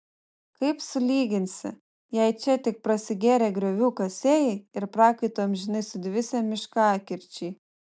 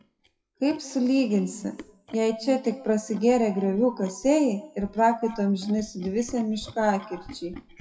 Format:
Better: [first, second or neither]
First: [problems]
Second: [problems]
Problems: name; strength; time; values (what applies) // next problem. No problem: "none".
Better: first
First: none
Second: noise reduction (classical method WPE with log-MMSE)